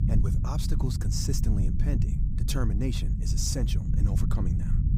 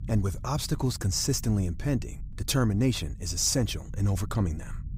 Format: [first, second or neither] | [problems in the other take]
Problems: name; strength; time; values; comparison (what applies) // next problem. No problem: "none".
second | low rumble; loud; throughout; 5 dB below the speech; faint in the second